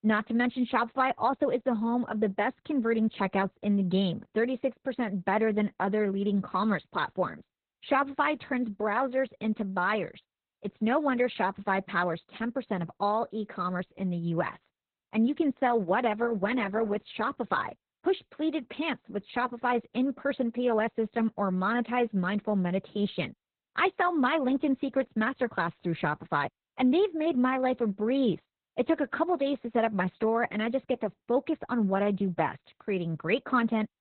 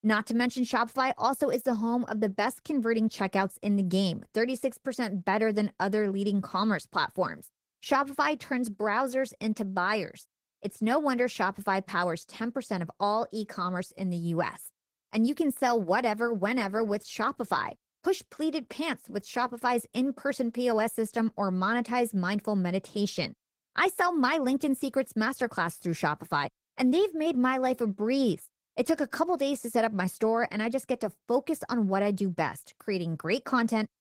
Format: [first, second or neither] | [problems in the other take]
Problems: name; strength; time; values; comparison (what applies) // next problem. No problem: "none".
second | garbled, watery; badly; nothing above 4 kHz; slightly in the second